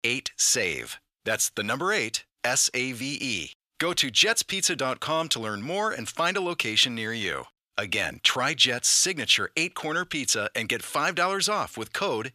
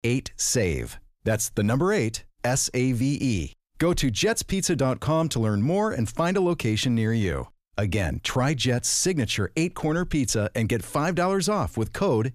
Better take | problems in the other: second | thin; somewhat; fading below 850 Hz

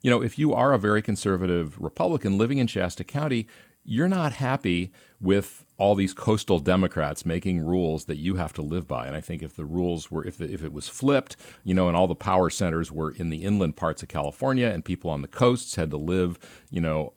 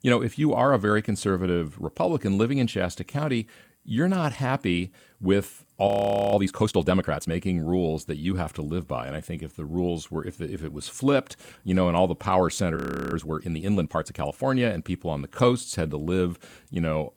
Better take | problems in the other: first | audio freezing; at 6 s and at 13 s

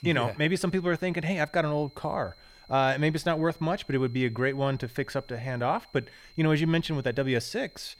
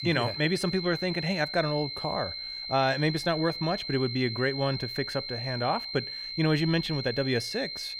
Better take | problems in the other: first | high-pitched whine; loud; throughout; 4 kHz, 5 dB below the speech; faint in the first

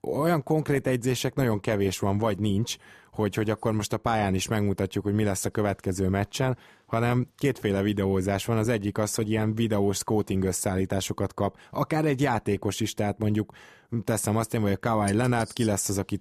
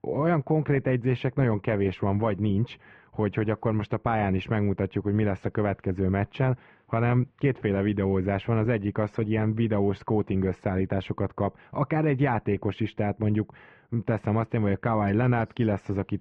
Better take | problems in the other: first | muffled; very; fading above 2.5 kHz

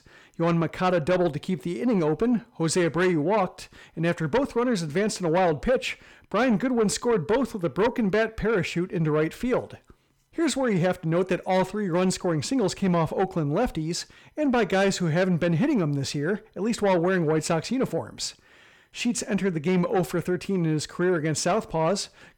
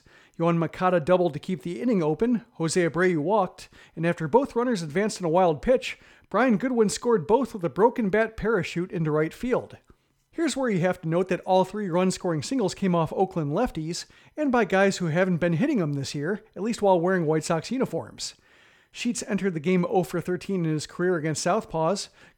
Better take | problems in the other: second | distortion; slight; 10 dB below the speech

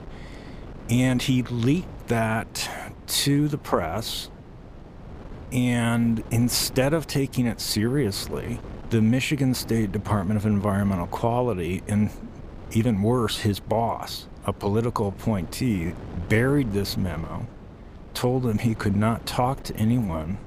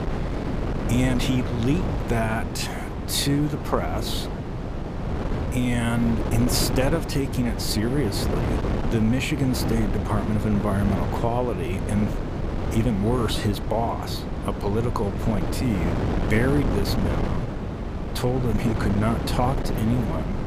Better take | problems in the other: first | wind noise on the microphone; heavy; 4 dB below the speech; occasional gusts in the first

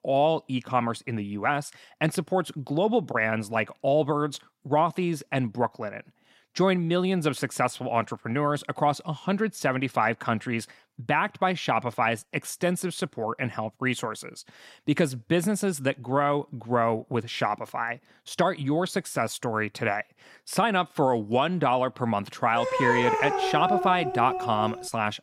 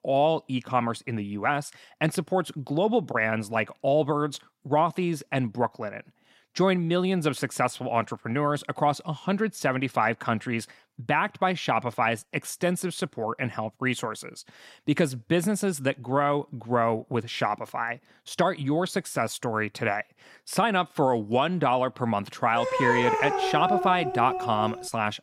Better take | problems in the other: neither | dog barking; loud; from 23 s on; peak 2 dB above the speech; the same in both

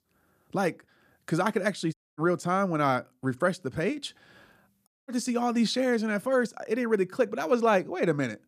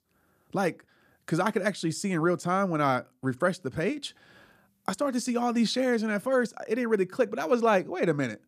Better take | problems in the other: second | audio cutting out; at 2 s and at 5 s

